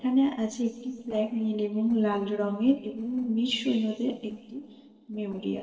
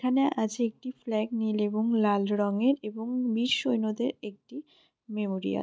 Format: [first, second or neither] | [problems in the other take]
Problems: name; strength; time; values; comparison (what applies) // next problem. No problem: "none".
second | noise reduction (neural separator model SepFormer DNS4)